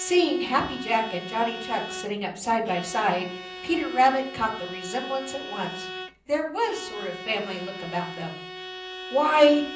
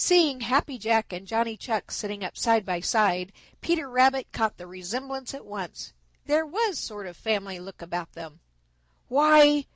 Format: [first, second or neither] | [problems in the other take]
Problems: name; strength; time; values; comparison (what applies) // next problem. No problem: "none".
second | background sound (Bowed string instrument); 12 dB below the speech // room echo; dies away in 0.6 s